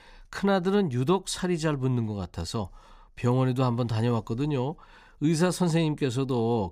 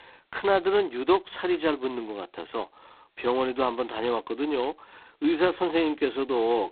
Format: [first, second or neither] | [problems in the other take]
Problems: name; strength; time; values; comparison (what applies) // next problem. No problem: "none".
first | phone-call audio; poor line; nothing above 4 kHz